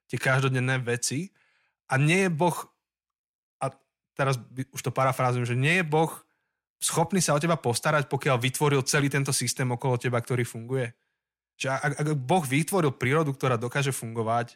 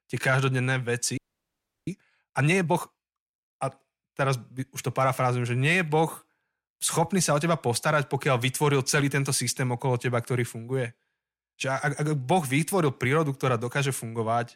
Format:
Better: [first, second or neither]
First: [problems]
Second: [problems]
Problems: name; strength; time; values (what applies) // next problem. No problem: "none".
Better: first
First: none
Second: audio freezing; at 1 s for 0.5 s